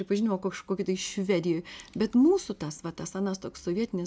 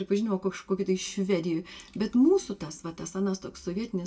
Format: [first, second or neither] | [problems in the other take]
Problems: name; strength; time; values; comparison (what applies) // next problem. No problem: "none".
first | room echo; dies away in 0.2 s